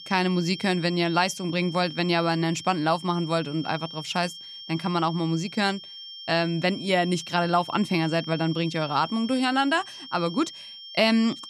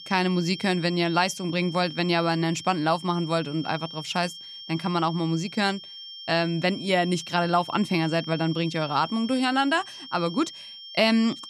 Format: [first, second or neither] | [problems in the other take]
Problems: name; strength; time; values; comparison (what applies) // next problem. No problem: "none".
neither | high-pitched whine; noticeable; throughout; 3 kHz, 15 dB below the speech; the same in both